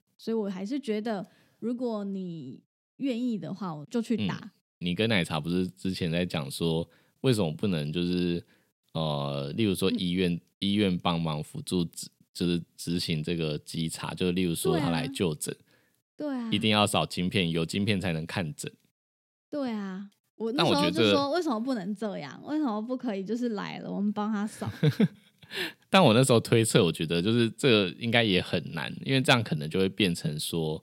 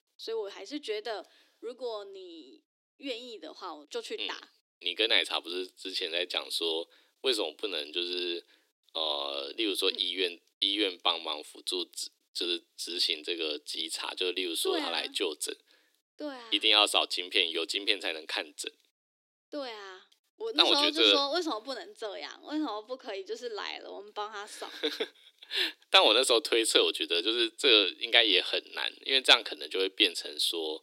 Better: first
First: none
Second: thin; very; fading below 300 Hz

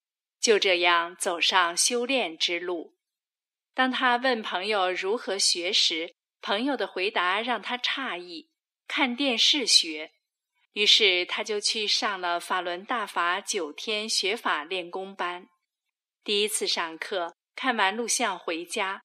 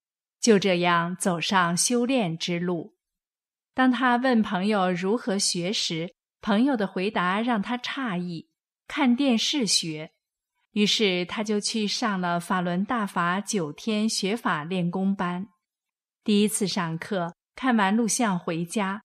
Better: second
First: thin; somewhat; fading below 300 Hz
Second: none

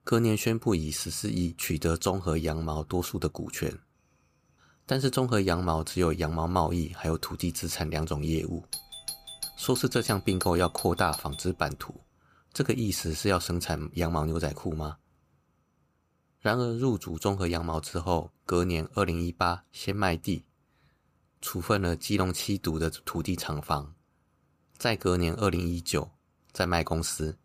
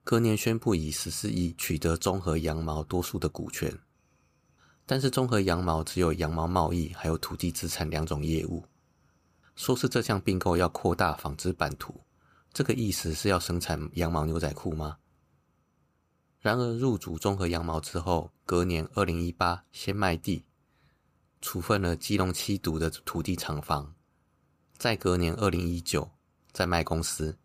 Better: second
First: doorbell; noticeable; from 8.5 to 11 s; peak 6 dB below the speech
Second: none

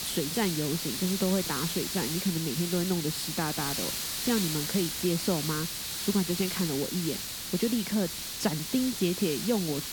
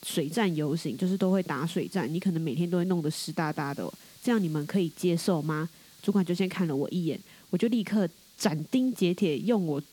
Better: second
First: hiss; loud; throughout; 2 dB below the speech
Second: hiss; faint; throughout; 25 dB below the speech

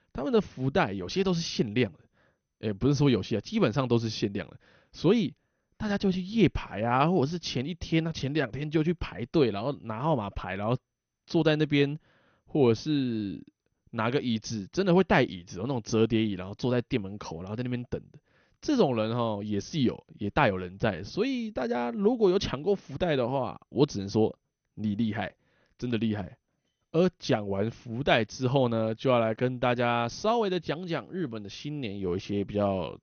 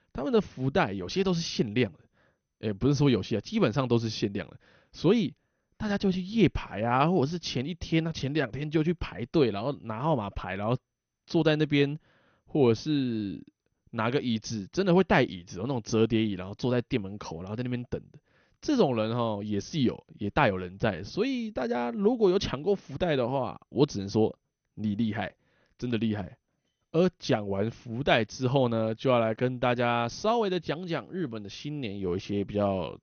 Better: neither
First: garbled, watery; slightly; nothing above 6.5 kHz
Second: garbled, watery; slightly; nothing above 6.5 kHz

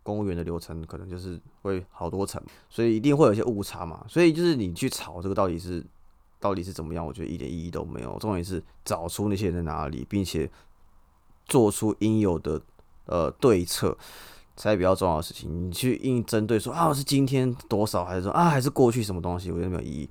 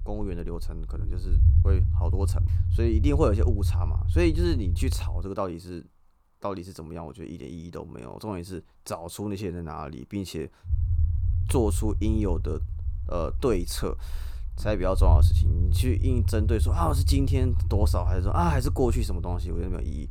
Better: first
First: none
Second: low rumble; noticeable; until 5 s and from 11 s on; 10 dB below the speech

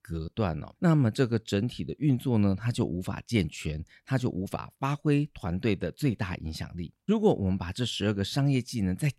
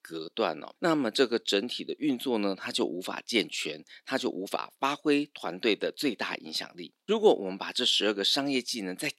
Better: first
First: none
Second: thin; somewhat; fading below 300 Hz

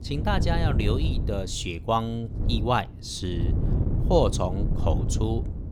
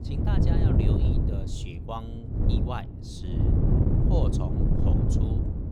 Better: first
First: wind noise on the microphone; occasional gusts; 10 dB below the speech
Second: wind noise on the microphone; heavy; 4 dB above the speech

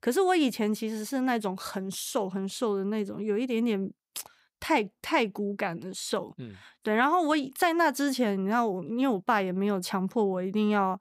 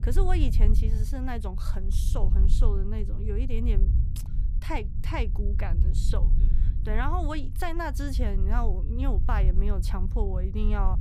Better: first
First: none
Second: low rumble; noticeable; throughout; 10 dB below the speech

